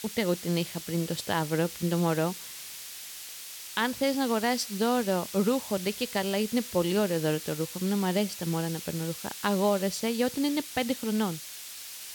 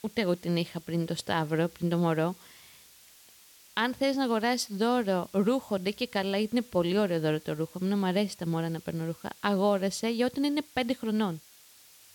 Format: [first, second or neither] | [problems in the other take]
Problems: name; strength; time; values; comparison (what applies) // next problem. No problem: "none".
second | hiss; loud; throughout; 9 dB below the speech; faint in the second